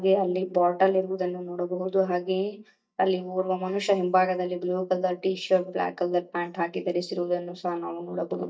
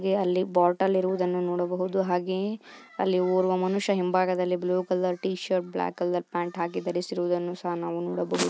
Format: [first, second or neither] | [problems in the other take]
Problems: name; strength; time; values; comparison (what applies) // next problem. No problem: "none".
second | noise reduction (neural mask model DeepFilterNet 3)